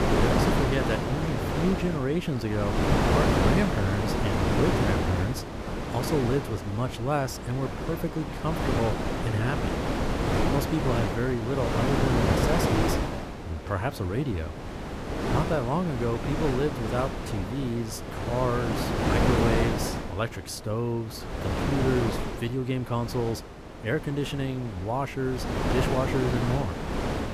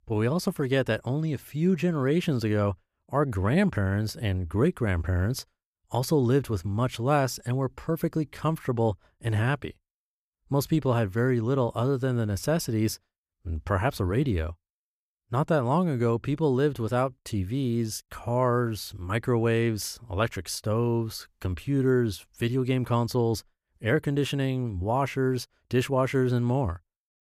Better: second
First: wind noise on the microphone; heavy; 2 dB above the speech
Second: none

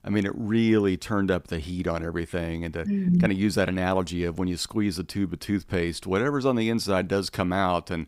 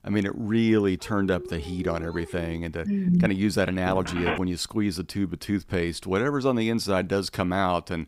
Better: first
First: none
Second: dog barking; faint; from 1 to 2.5 s; peak 15 dB below the speech // phone ringing; noticeable; at 4 s; peak 4 dB below the speech

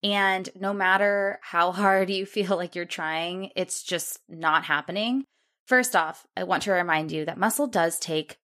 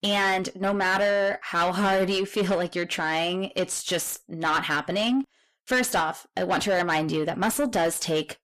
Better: first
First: none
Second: distortion; heavy; 7 dB below the speech

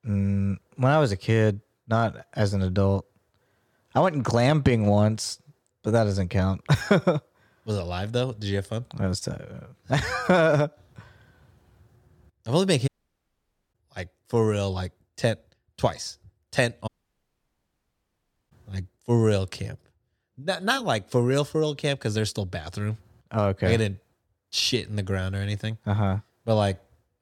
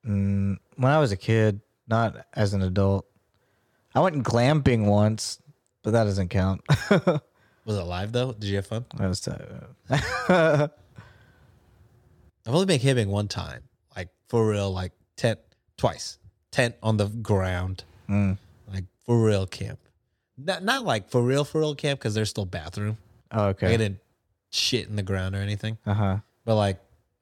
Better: second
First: audio cutting out; at 13 s for 1 s and at 17 s for 1.5 s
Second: none

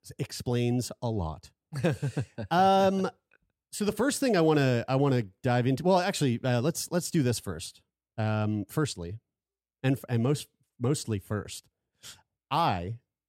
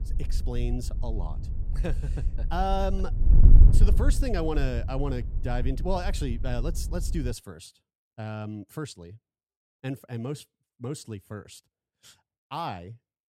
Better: first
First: none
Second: wind noise on the microphone; occasional gusts; until 7.5 s; 10 dB below the speech

